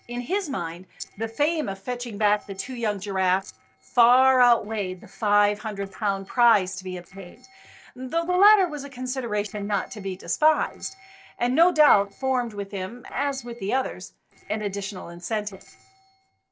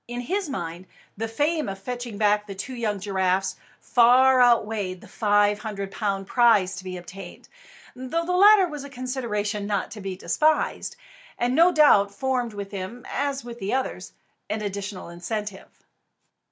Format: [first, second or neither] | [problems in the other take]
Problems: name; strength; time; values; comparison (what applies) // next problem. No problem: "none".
second | noise reduction (neural separator model SepFormer DNS4)